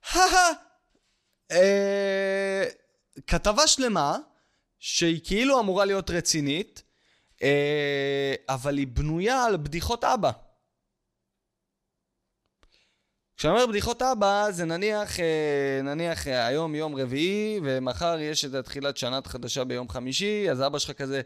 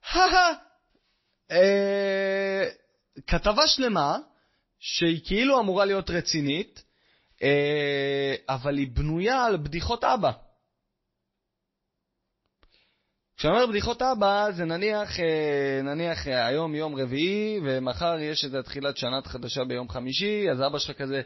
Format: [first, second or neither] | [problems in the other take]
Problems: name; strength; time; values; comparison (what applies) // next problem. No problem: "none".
first | garbled, watery; slightly; nothing above 5.5 kHz